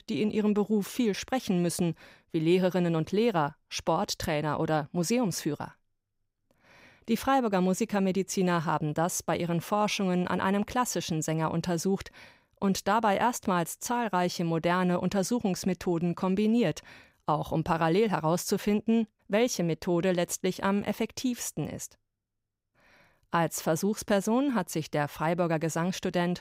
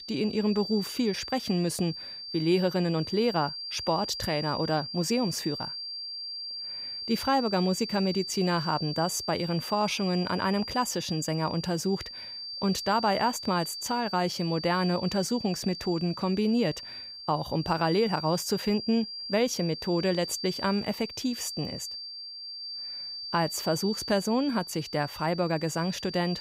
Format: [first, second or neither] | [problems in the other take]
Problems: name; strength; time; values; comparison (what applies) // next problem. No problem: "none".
first | high-pitched whine; loud; throughout; 4.5 kHz, 7 dB below the speech